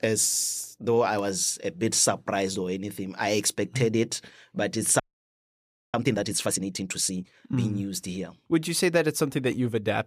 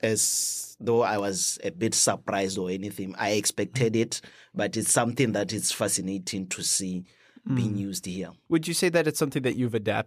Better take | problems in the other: second | audio freezing; at 5 s for 1 s

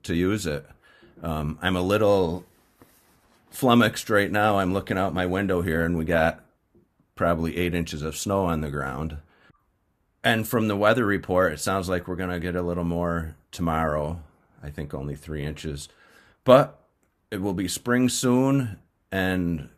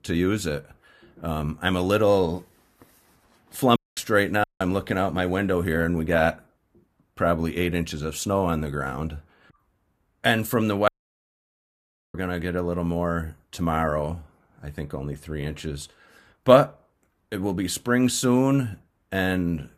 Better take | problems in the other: first | audio cutting out; at 4 s, at 4.5 s and at 11 s for 1.5 s

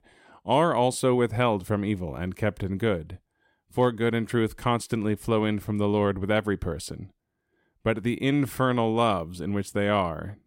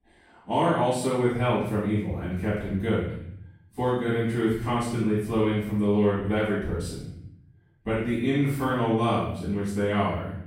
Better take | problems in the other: first | off-mic speech; far // room echo; strong; dies away in 0.7 s

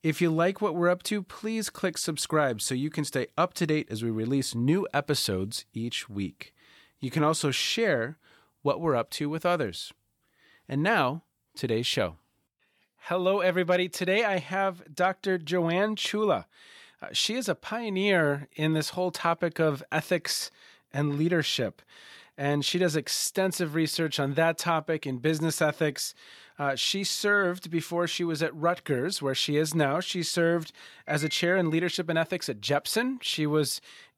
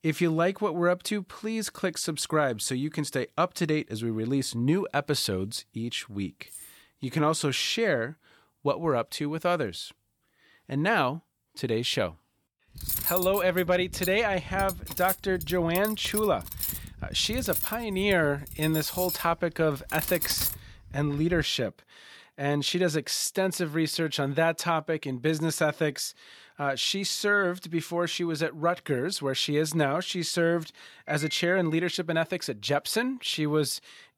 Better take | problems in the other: first | jangling keys; faint; at 6.5 s; peak 15 dB below the speech // clattering dishes; loud; from 13 to 21 s; peak 1 dB above the speech

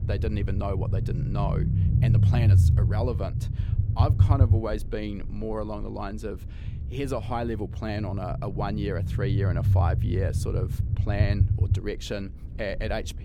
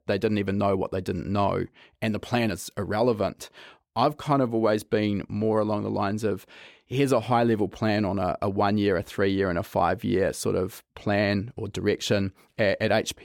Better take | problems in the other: second | low rumble; loud; throughout; 5 dB below the speech

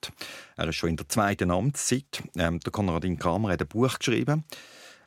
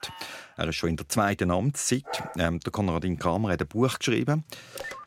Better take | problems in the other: first | alarm; faint; at the start; peak 15 dB below the speech // dog barking; noticeable; at 2 s; peak 10 dB below the speech // phone ringing; faint; at 4.5 s; peak 10 dB below the speech

